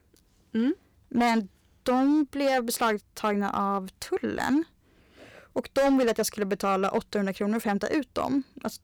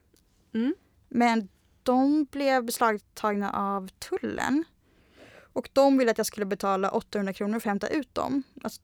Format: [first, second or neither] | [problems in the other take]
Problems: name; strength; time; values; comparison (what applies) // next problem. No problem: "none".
second | distortion; slight; 6% of the sound clipped